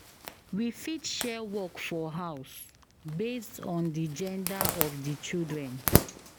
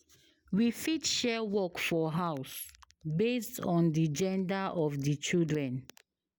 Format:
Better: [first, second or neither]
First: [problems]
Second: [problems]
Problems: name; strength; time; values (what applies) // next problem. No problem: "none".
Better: second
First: background sound (Zipper (clothing)); as loud as the speech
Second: none